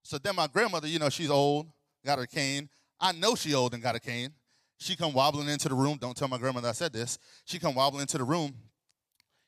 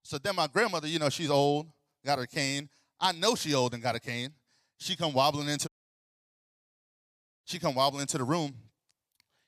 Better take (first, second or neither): first